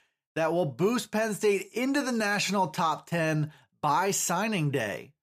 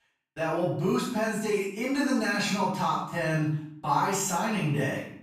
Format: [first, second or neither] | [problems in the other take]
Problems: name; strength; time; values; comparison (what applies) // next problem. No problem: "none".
first | off-mic speech; far // room echo; noticeable; dies away in 0.6 s